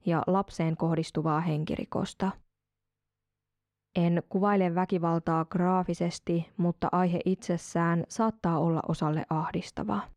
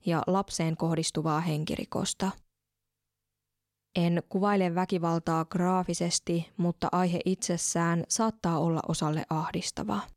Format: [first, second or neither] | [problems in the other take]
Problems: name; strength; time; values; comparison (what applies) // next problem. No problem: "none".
second | muffled; slightly; fading above 3.5 kHz